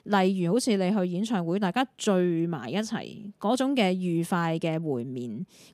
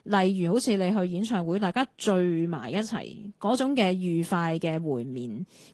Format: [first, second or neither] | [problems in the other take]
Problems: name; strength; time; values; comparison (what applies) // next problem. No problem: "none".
first | garbled, watery; slightly; nothing above 12 kHz